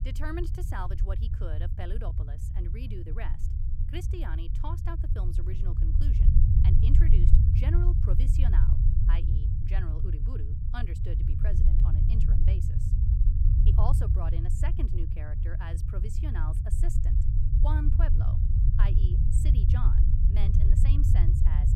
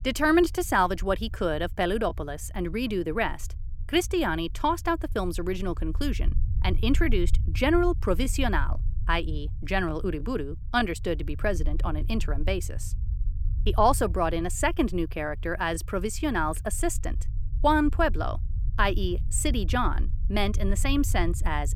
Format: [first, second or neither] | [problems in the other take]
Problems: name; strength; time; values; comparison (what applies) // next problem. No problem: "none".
second | low rumble; loud; throughout; as loud as the speech; faint in the second